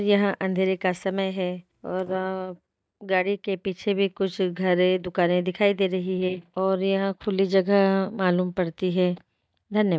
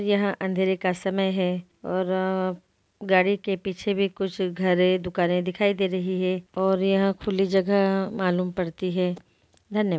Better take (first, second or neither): second